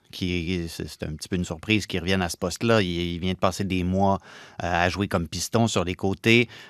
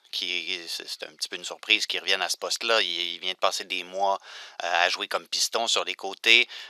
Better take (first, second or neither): first